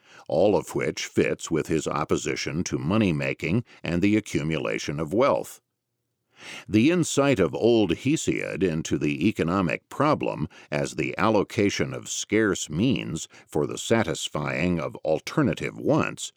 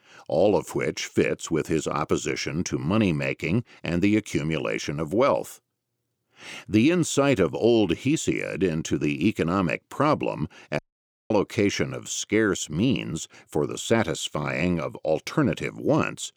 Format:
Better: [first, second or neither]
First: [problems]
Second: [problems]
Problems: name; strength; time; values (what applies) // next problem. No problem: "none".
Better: first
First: none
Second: audio cutting out; at 11 s for 0.5 s